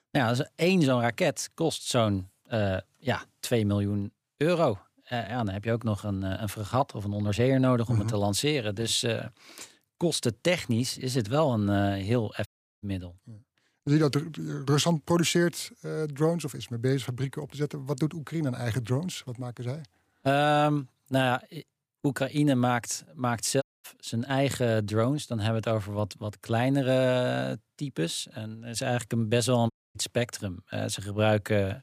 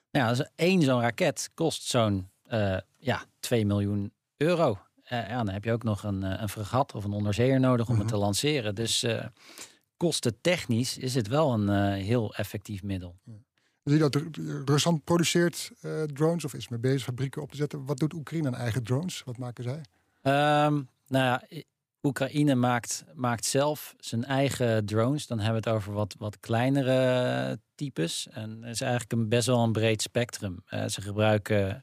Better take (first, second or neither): second